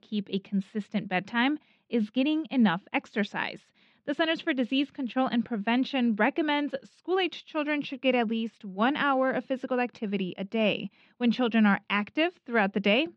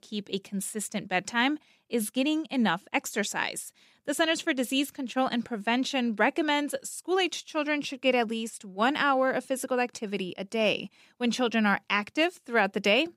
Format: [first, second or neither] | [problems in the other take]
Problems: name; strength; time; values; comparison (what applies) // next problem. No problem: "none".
second | muffled; slightly; fading above 4 kHz